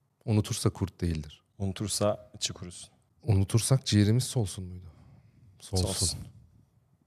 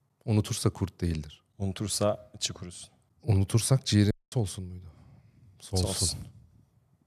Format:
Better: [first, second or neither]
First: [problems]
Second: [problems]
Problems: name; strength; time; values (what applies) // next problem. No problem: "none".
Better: first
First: none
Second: audio cutting out; at 4 s